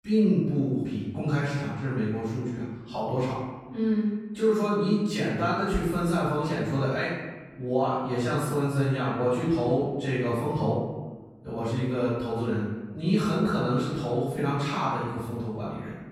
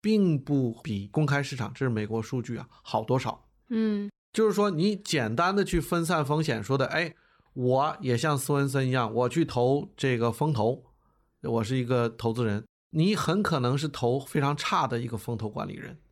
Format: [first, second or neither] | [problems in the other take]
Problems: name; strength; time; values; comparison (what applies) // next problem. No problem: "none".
second | room echo; strong; dies away in 1.2 s // off-mic speech; far